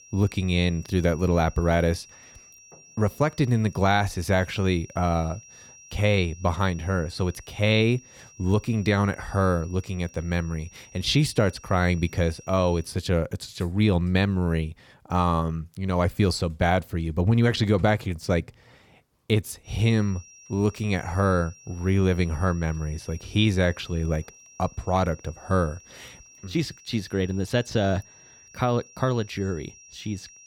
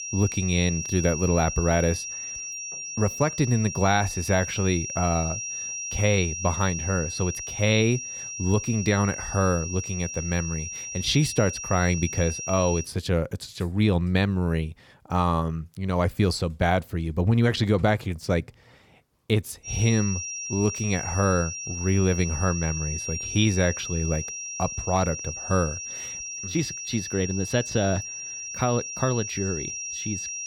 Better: first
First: high-pitched whine; faint; until 13 s and from 20 s on; 5.5 kHz, 25 dB below the speech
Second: high-pitched whine; loud; until 13 s and from 20 s on; 5.5 kHz, 6 dB below the speech

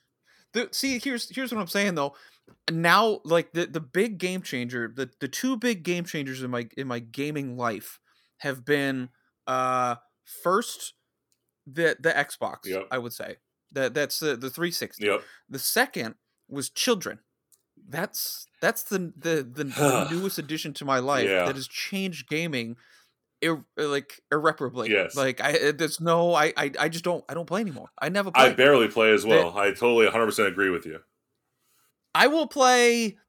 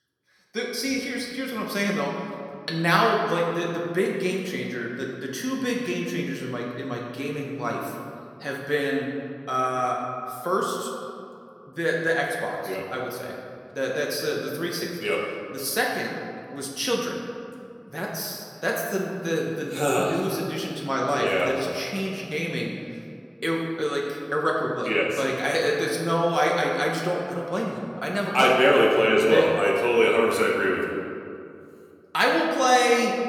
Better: first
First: none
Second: room echo; noticeable; dies away in 2 s // off-mic speech; somewhat distant

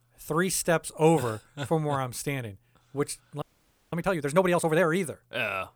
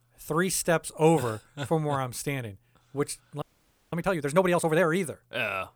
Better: neither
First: audio freezing; at 3.5 s for 0.5 s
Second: audio freezing; at 3.5 s for 0.5 s

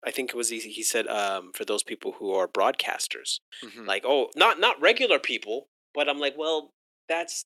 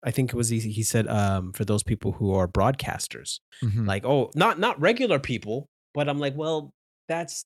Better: second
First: thin; very; fading below 300 Hz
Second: none

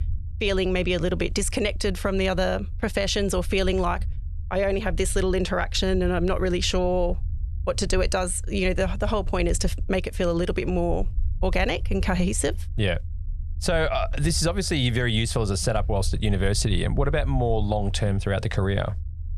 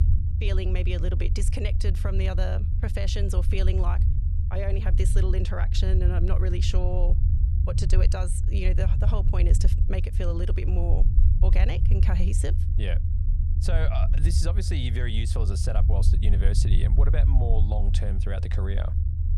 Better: first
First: low rumble; faint; throughout; 25 dB below the speech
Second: low rumble; loud; throughout; 6 dB below the speech

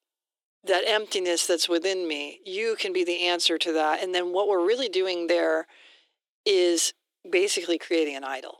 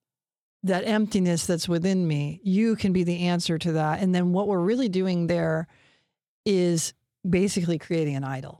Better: second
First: thin; very; fading below 300 Hz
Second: none

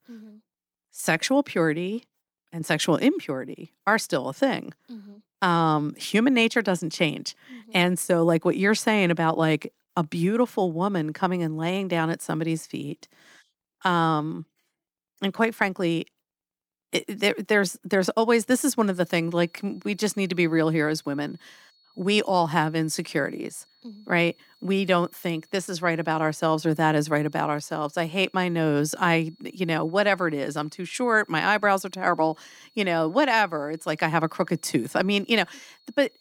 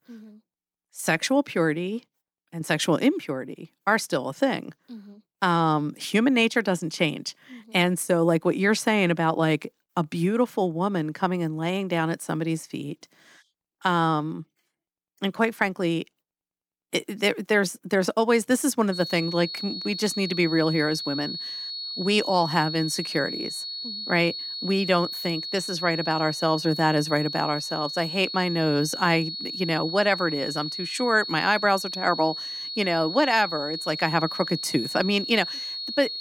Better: first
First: high-pitched whine; faint; from 19 s on; 4.5 kHz, 35 dB below the speech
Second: high-pitched whine; loud; from 19 s on; 4.5 kHz, 6 dB below the speech

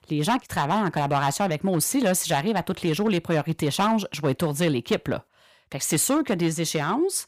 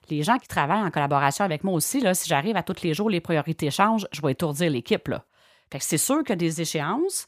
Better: second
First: distortion; slight; 5% of the sound clipped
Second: none

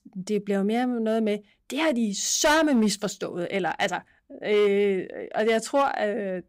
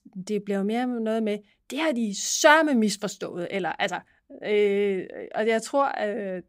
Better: second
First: distortion; slight; 4% of the sound clipped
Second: none

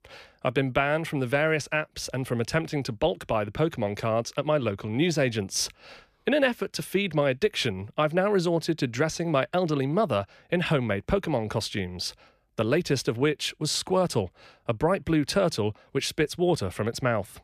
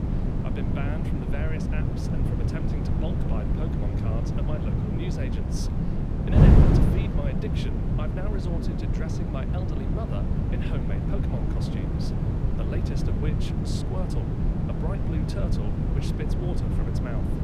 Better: first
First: none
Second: wind noise on the microphone; heavy; 5 dB above the speech

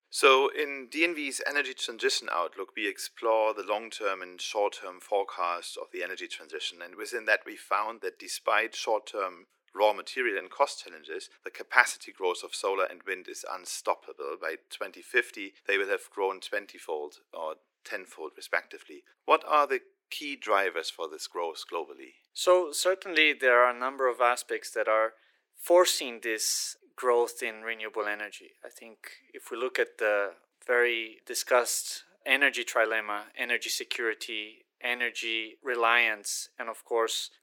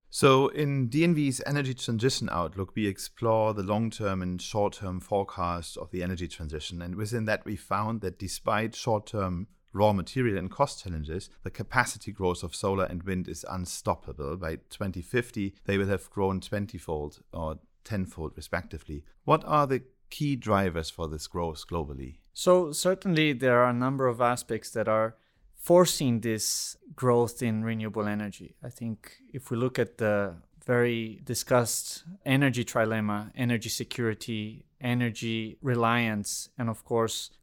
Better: second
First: thin; very; fading below 350 Hz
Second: none

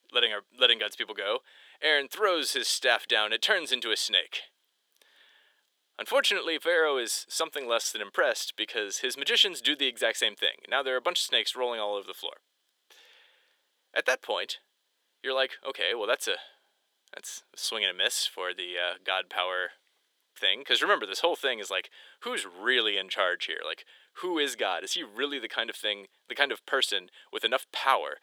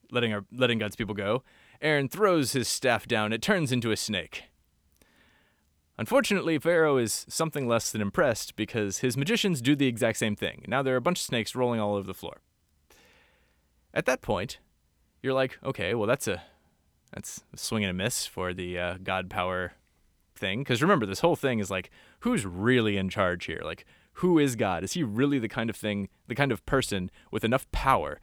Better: second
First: thin; very; fading below 400 Hz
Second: none

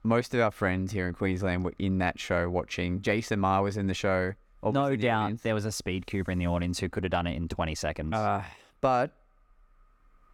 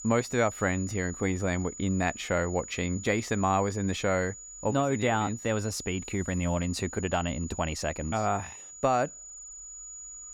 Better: first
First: none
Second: high-pitched whine; noticeable; throughout; 7 kHz, 10 dB below the speech

